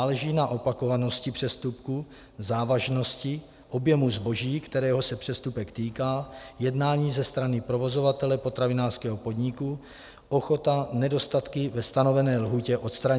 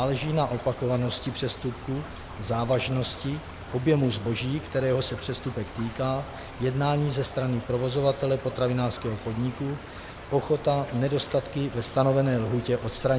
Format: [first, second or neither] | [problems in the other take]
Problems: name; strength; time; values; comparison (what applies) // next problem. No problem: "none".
first | background sound (Stream / Trickle, dribble); 13 dB below the speech